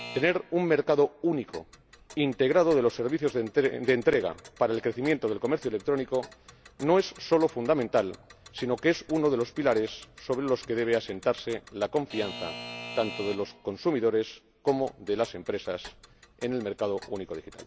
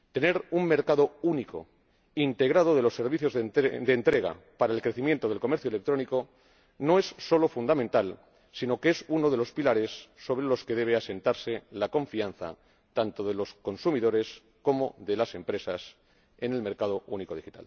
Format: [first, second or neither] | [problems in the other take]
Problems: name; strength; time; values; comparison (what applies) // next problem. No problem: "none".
second | background sound (Alarm / Clock); 20 dB below the speech